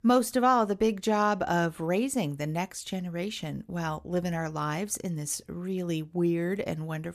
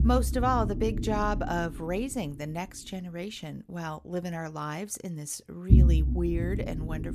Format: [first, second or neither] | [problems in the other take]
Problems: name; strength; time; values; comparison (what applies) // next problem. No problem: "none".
first | low rumble; loud; throughout; 8 dB below the speech